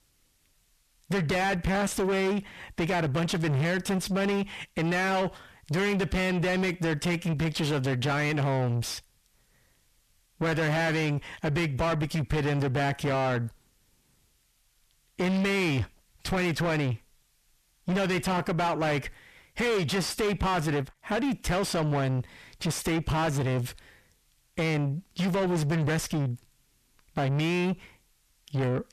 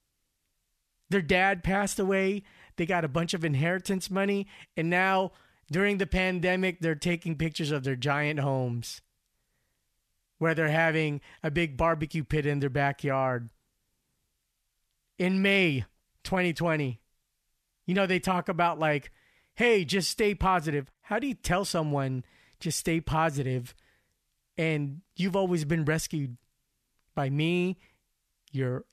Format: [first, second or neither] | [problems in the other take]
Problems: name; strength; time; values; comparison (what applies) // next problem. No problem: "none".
second | distortion; heavy; 5 dB below the speech